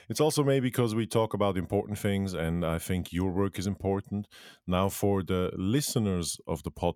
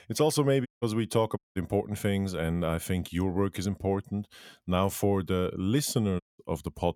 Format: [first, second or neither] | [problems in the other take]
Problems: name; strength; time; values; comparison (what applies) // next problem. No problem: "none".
first | audio cutting out; at 0.5 s, at 1.5 s and at 6 s